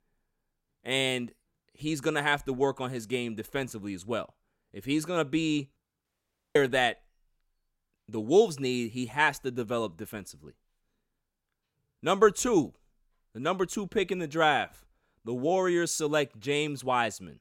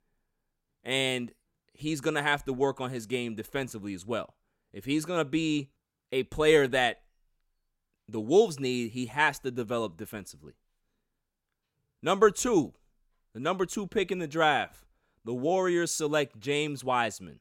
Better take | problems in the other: second | audio cutting out; at 6 s for 0.5 s

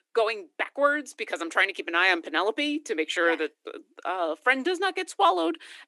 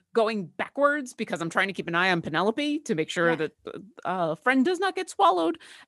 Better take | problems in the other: second | thin; very slightly; fading below 300 Hz

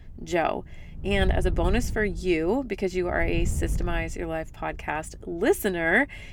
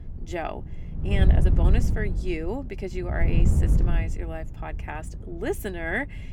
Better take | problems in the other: first | wind noise on the microphone; heavy; 6 dB below the speech; occasional gusts in the first

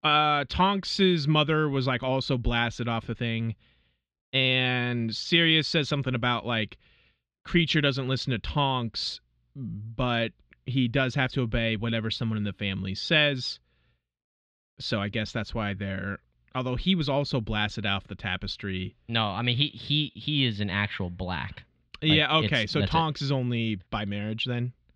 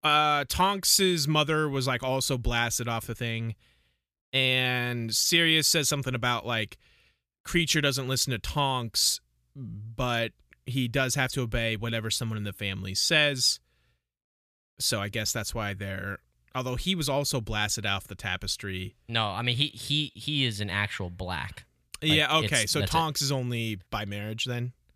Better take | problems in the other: second | muffled; slightly; fading above 3.5 kHz

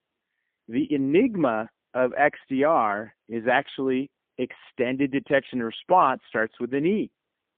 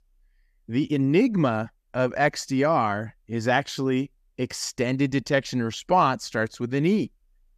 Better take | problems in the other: second | phone-call audio; poor line; nothing above 3.5 kHz

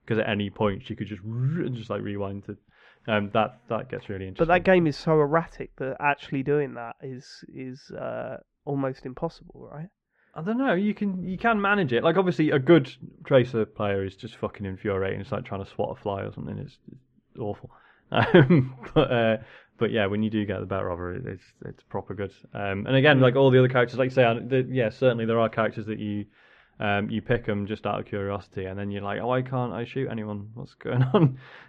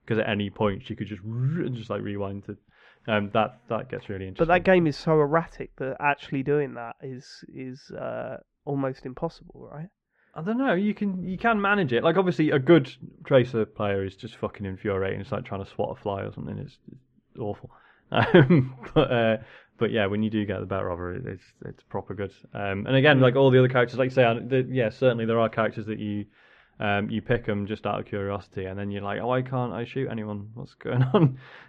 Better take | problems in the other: neither | muffled; very; fading above 2 kHz; the same in both

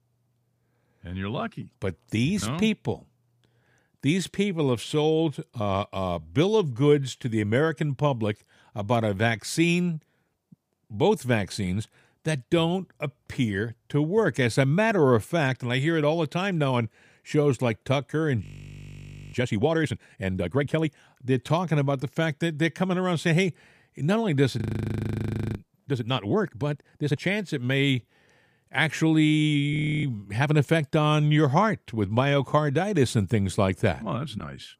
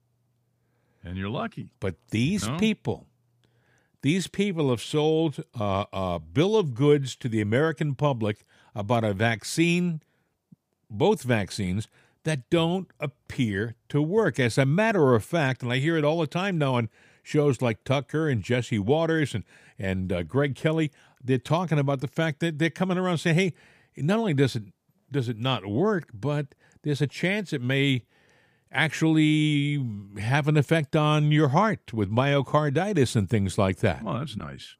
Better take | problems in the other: second | audio freezing; at 18 s for 1 s, at 25 s for 1 s and at 30 s

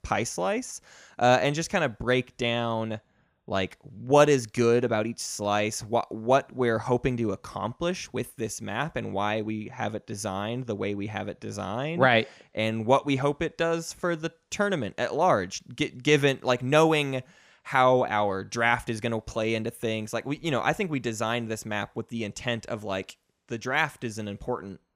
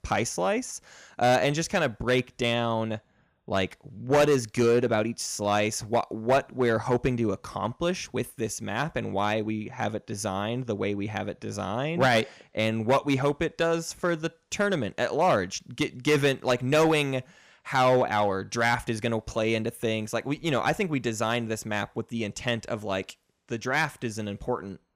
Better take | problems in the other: first | distortion; slight; 3% of the sound clipped

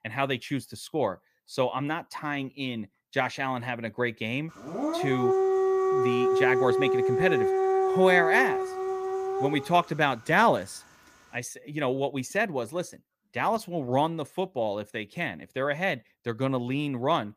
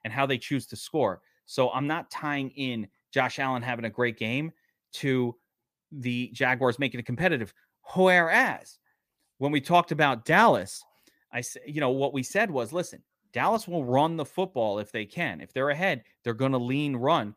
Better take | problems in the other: second | dog barking; loud; from 4.5 to 10 s; peak 4 dB above the speech

